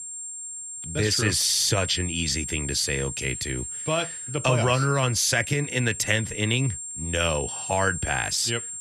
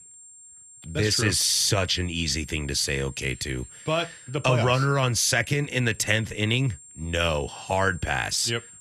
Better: second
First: high-pitched whine; loud; throughout; 7.5 kHz, 8 dB below the speech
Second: high-pitched whine; faint; throughout; 7.5 kHz, 20 dB below the speech

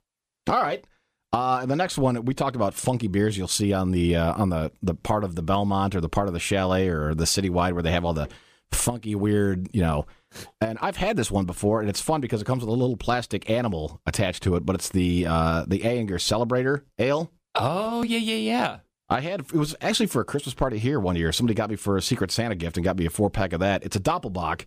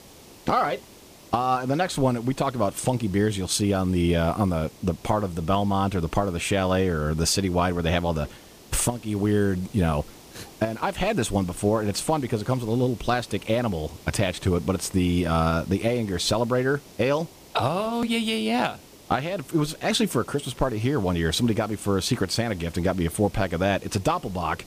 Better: first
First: none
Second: hiss; faint; throughout; 20 dB below the speech

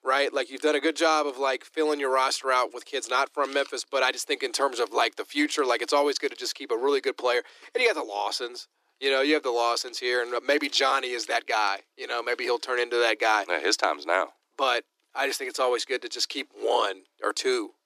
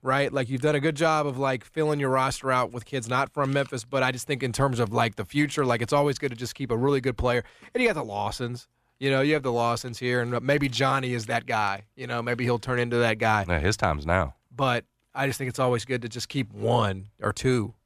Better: second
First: thin; somewhat; fading below 300 Hz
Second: none

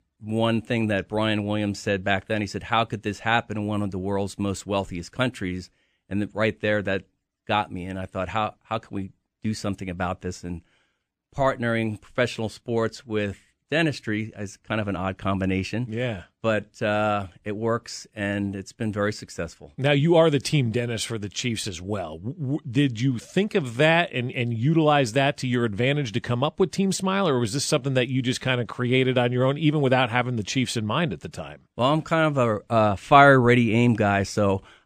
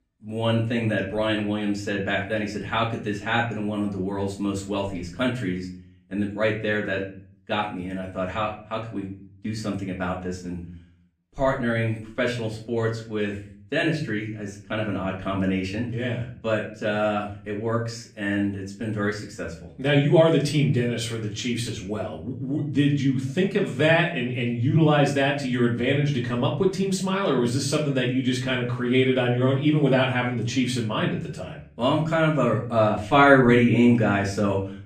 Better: first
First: none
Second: off-mic speech; far // room echo; slight; dies away in 0.5 s

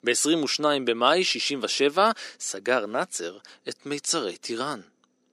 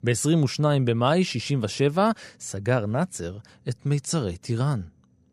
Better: second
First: thin; somewhat; fading below 300 Hz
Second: none

